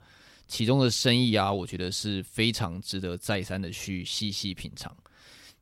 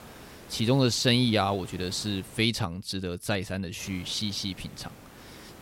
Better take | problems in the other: first | hiss; faint; until 2.5 s and from 4 s on; 20 dB below the speech

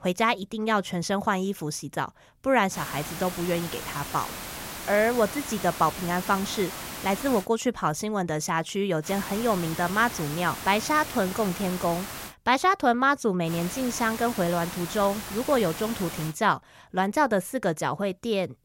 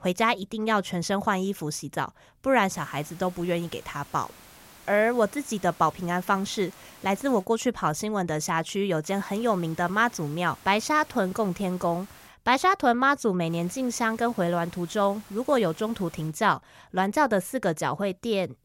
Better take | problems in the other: second | hiss; loud; from 2.5 to 7.5 s, from 9 to 12 s and from 13 to 16 s; 9 dB below the speech; faint in the second

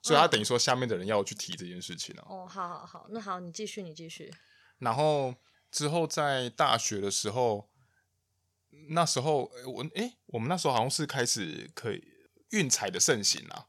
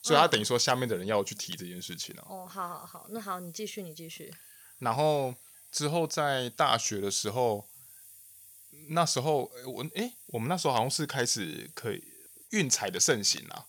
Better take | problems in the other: first | hiss; faint; throughout; 20 dB below the speech

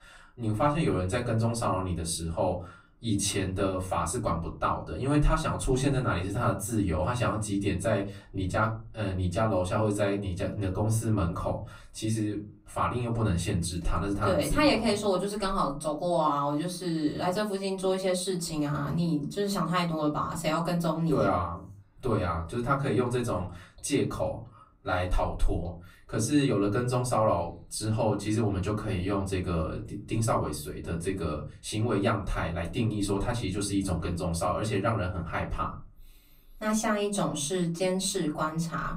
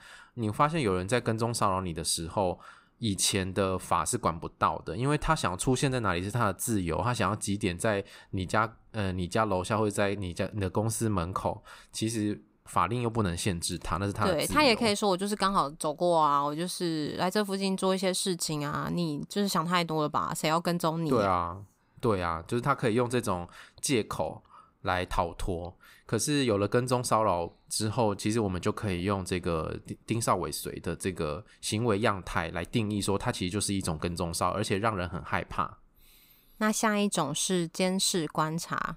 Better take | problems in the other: second | off-mic speech; far // room echo; very slight; dies away in 0.4 s

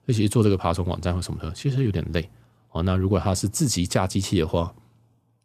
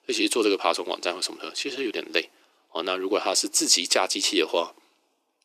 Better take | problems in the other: first | thin; very; fading below 300 Hz

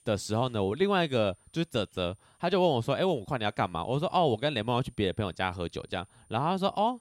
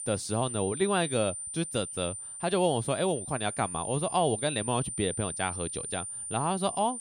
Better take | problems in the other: first | high-pitched whine; loud; throughout; 9 kHz, 5 dB below the speech; faint in the first

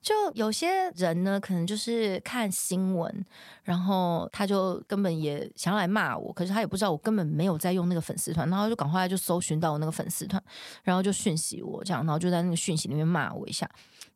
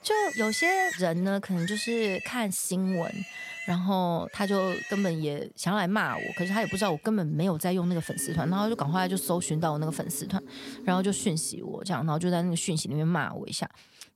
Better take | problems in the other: first | animal sounds; loud; throughout; 7 dB below the speech

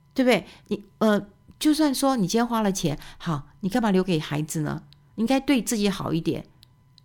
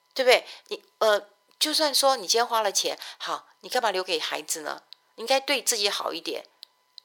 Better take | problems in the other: first | thin; very; fading below 500 Hz

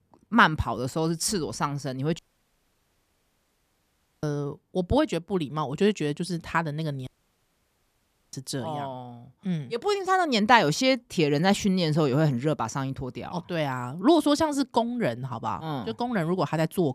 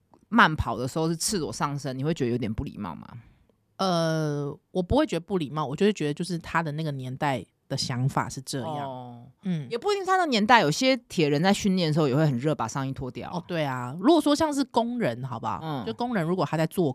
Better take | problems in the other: second | audio cutting out; at 2 s for 2 s and at 7 s for 1.5 s

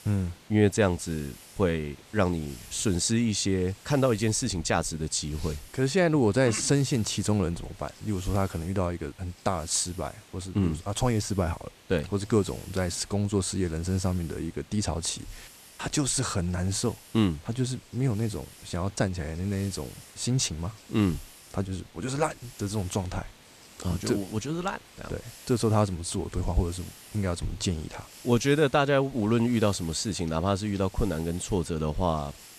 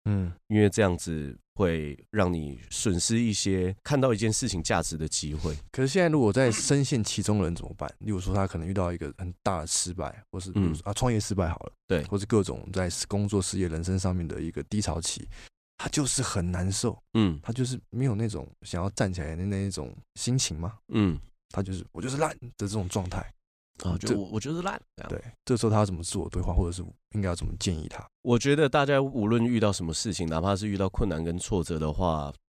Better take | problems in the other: second | hiss; faint; throughout; 20 dB below the speech

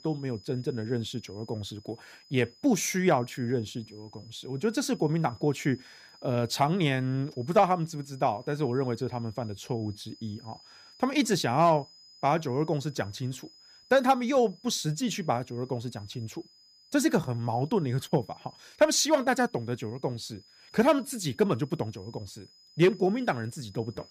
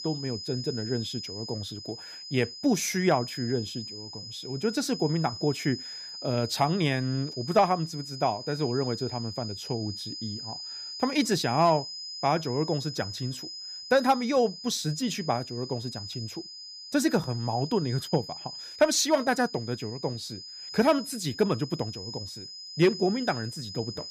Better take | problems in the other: first | high-pitched whine; loud; throughout; 5 kHz, 9 dB below the speech; faint in the first

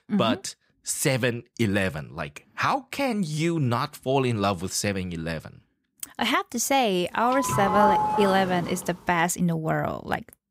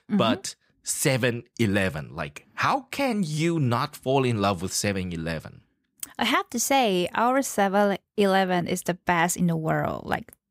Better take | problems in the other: second | doorbell; loud; from 7 to 8.5 s; peak 3 dB above the speech

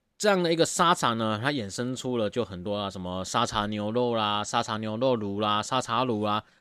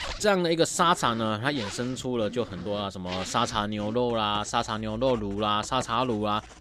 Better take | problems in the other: first | household noises; noticeable; throughout; 15 dB below the speech

